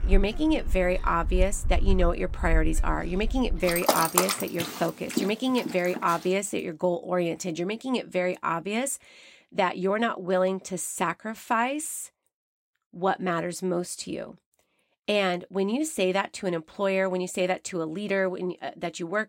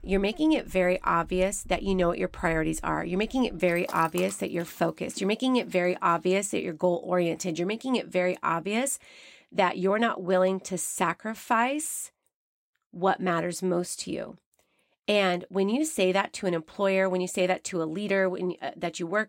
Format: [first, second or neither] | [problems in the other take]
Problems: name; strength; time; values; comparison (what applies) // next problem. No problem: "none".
second | animal sounds; loud; until 6 s; 3 dB below the speech; faint in the second